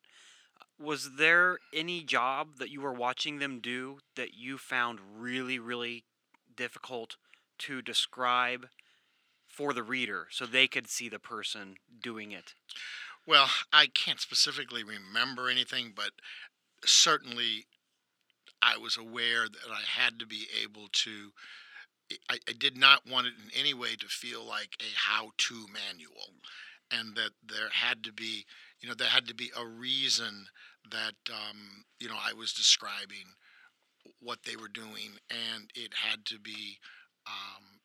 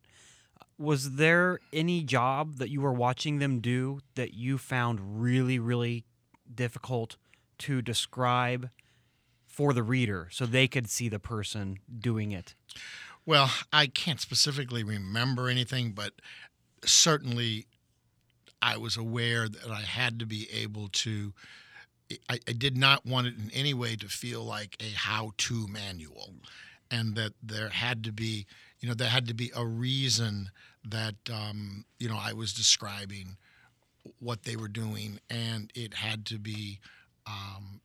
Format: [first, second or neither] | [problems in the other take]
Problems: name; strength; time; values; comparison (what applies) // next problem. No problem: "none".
second | thin; very; fading below 250 Hz